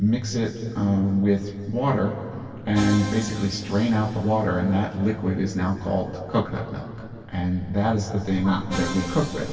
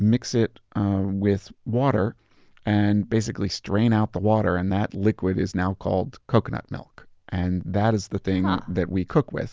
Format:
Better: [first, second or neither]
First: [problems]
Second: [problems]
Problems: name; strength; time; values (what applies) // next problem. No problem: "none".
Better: second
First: background sound (Musical instrument); 15 dB below the speech // room echo; dies away in 2.6 s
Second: none